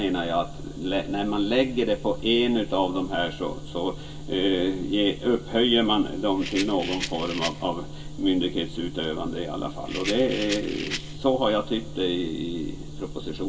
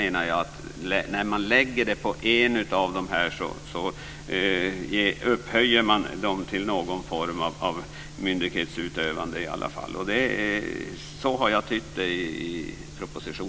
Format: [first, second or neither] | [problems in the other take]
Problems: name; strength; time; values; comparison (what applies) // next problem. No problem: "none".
second | background sound (Rattle); 10 dB below the speech // room echo; dies away in 0.2 s